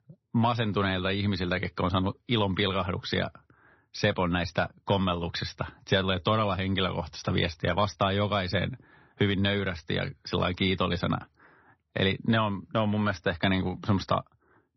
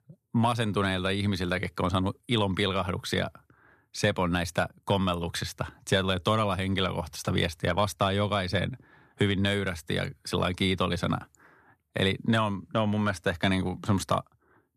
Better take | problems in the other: second | garbled, watery; slightly; nothing above 6 kHz

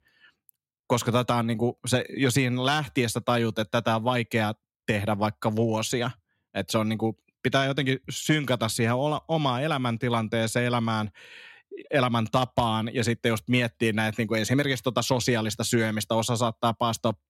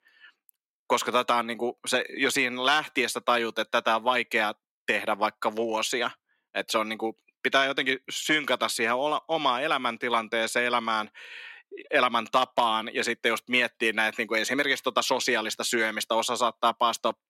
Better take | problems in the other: first | thin; somewhat; fading below 300 Hz

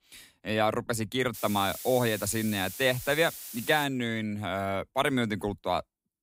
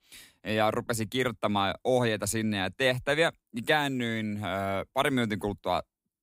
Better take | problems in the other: second | hiss; noticeable; from 1.5 to 4 s; 10 dB below the speech

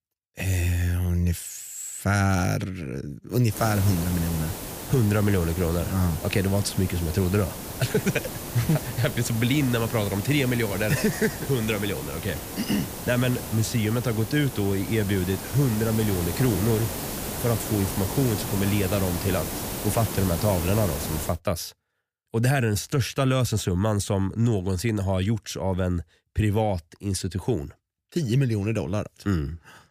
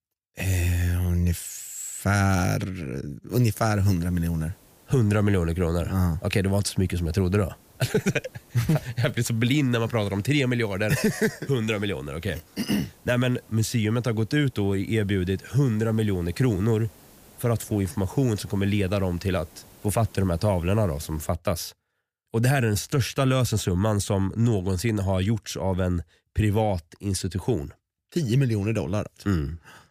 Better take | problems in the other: second | hiss; loud; from 3.5 to 21 s; 7 dB below the speech; faint in the second

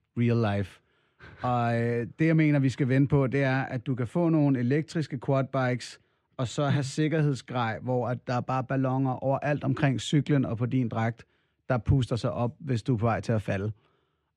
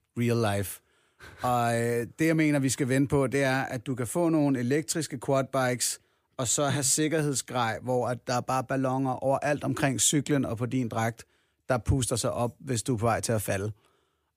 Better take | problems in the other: second | muffled; slightly; fading above 3 kHz

